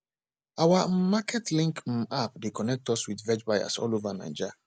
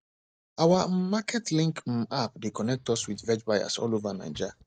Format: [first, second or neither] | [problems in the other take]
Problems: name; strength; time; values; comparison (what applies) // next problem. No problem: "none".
first | noise reduction (neural mask model DeepFilterNet 3)